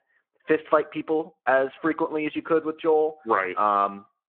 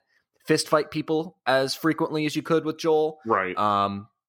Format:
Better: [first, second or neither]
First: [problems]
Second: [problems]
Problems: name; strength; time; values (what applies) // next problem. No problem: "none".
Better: second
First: phone-call audio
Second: none